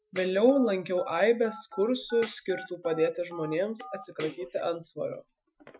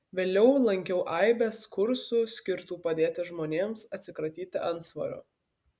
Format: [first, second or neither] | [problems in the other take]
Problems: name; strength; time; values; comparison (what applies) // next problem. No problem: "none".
second | noise reduction (classical method Wiener filter)